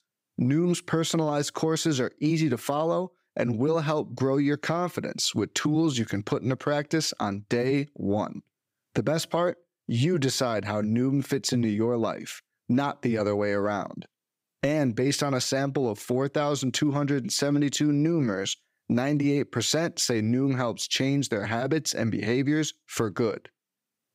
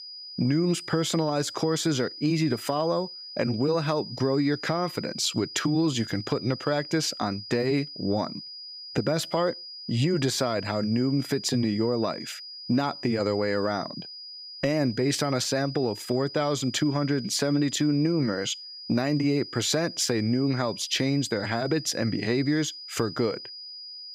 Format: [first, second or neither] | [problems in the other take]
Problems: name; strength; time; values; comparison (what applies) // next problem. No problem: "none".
first | high-pitched whine; noticeable; throughout; 5 kHz, 10 dB below the speech